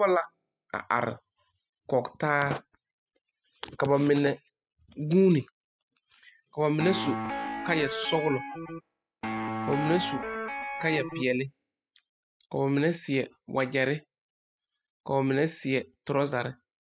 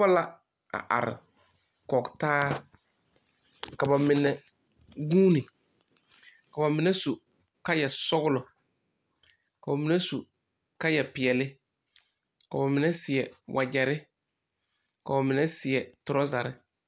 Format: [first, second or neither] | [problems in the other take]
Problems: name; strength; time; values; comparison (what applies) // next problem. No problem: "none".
second | noise reduction (classical method spectral subtraction)